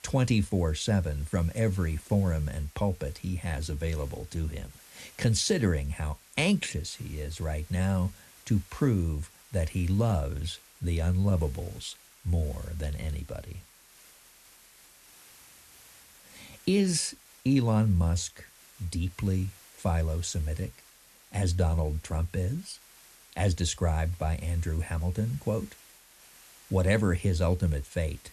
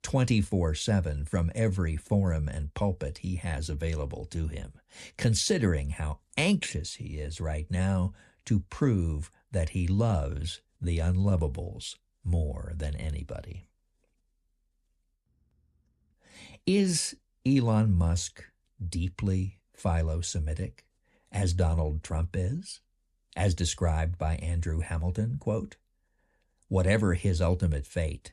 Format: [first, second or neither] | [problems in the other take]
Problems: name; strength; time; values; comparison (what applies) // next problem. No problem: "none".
second | hiss; faint; throughout; 25 dB below the speech